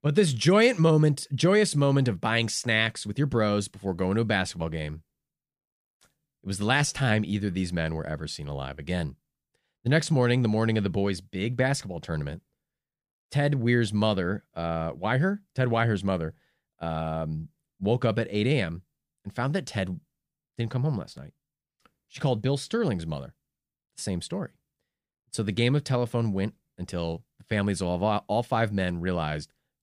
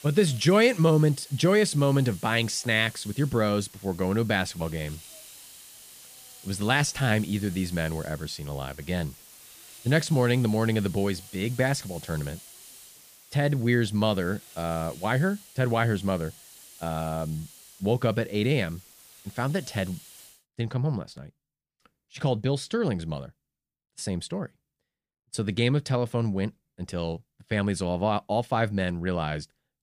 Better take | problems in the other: first | hiss; noticeable; until 20 s; 20 dB below the speech

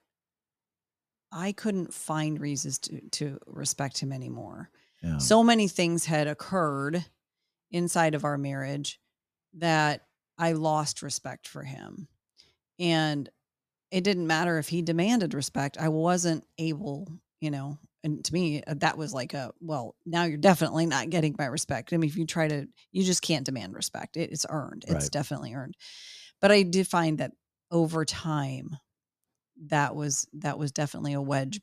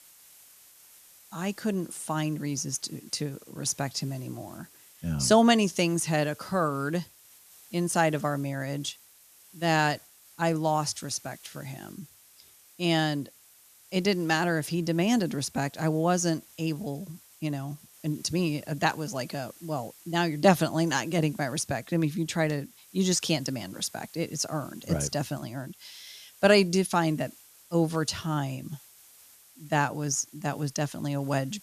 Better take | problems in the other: first | hiss; faint; throughout; 25 dB below the speech

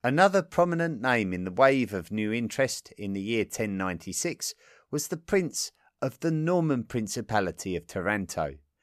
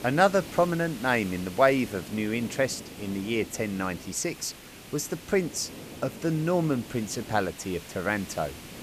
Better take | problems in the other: first | hiss; noticeable; throughout; 15 dB below the speech

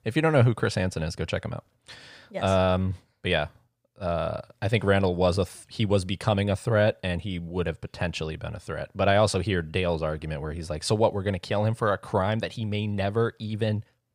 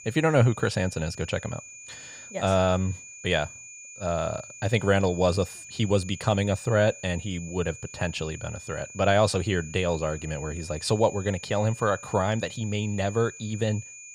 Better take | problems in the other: first | high-pitched whine; noticeable; throughout; 7 kHz, 15 dB below the speech

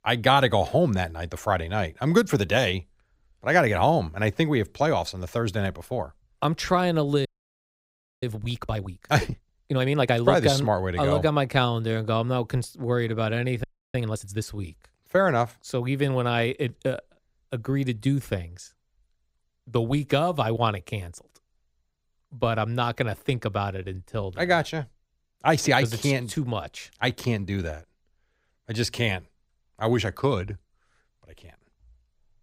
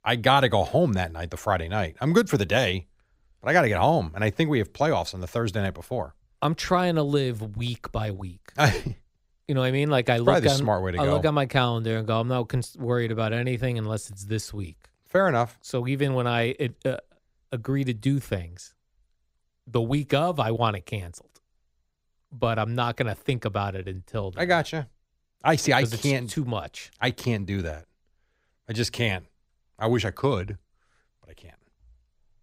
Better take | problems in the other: second | audio freezing; at 7.5 s for 1 s and at 14 s

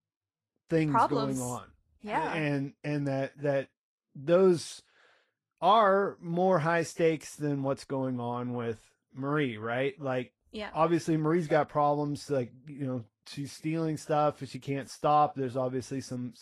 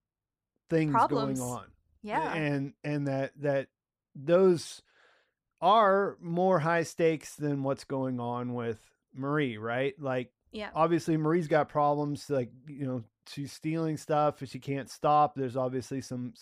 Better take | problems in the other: second | garbled, watery; slightly; nothing above 12 kHz

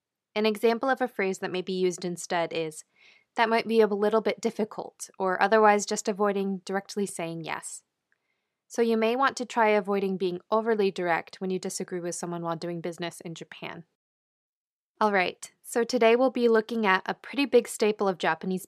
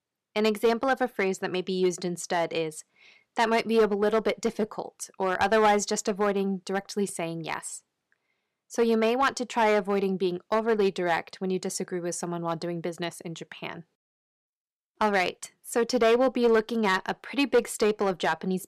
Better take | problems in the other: first | distortion; slight; 3% of the sound clipped

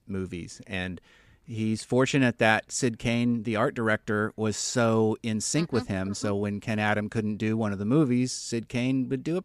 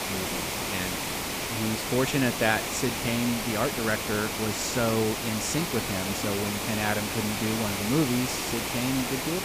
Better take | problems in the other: first | hiss; loud; throughout; as loud as the speech

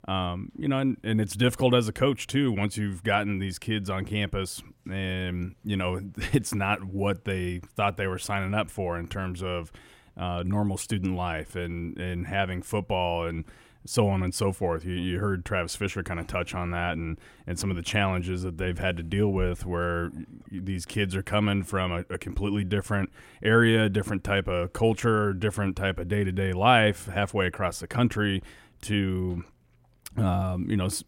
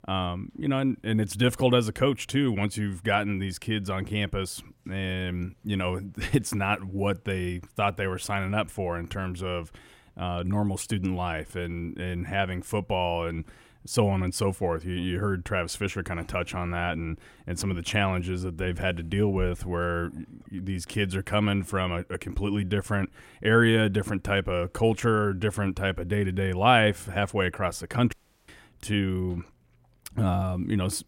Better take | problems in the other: first | audio cutting out; at 28 s

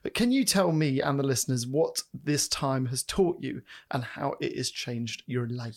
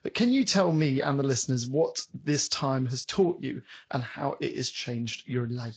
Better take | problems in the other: first | garbled, watery; slightly

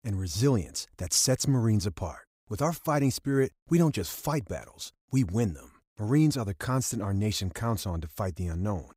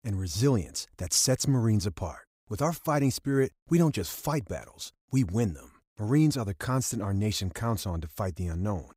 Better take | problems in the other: neither | none

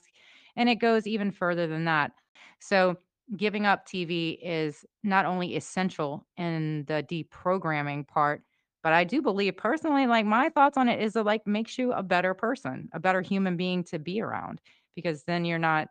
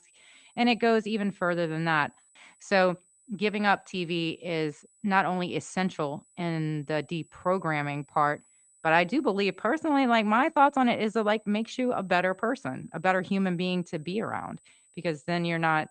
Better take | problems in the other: first | high-pitched whine; faint; throughout; 8 kHz, 35 dB below the speech

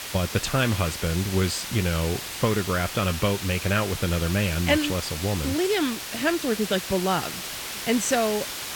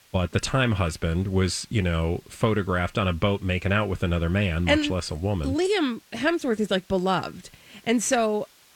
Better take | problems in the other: second | hiss; loud; throughout; 6 dB below the speech; faint in the second

